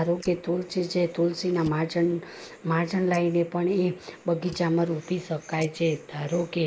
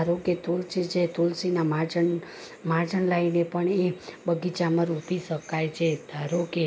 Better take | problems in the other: second | noise reduction (neural mask model Resemble Enhance denoiser)

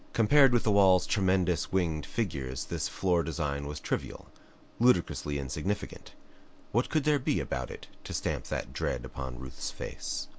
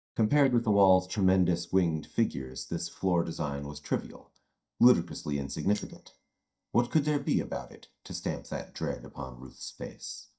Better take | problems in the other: first | noise reduction (neural mask model DeepFilterNet 3)

